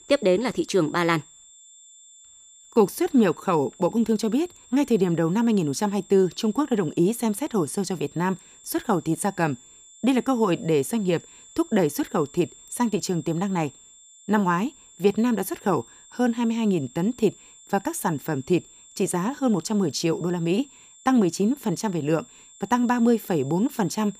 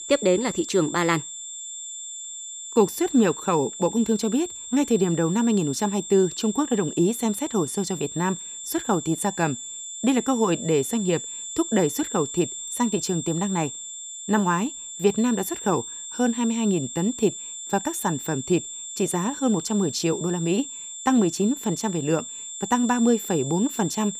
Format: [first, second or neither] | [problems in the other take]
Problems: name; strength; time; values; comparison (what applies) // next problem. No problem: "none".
first | high-pitched whine; loud; throughout; 7.5 kHz, 9 dB below the speech; faint in the first